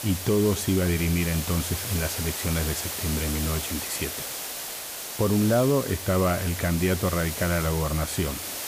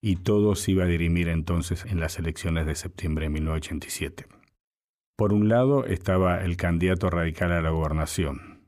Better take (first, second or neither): second